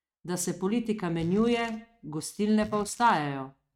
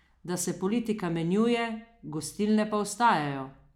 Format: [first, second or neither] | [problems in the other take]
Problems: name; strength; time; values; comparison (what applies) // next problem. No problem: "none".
second | noise reduction (neural mask model RNNoise)